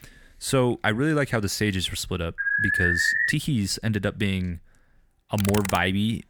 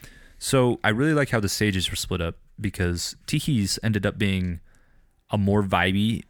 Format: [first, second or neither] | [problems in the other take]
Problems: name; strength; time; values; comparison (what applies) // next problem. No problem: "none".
second | alarm; loud; at 2.5 s; peak 5 dB above the speech // keyboard typing; noticeable; at 5.5 s; peak 5 dB below the speech